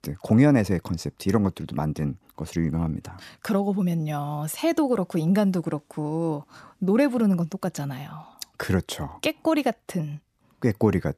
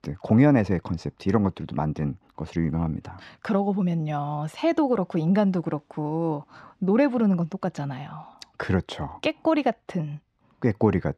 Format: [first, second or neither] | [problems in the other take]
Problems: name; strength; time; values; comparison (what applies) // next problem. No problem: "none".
first | muffled; slightly; fading above 3.5 kHz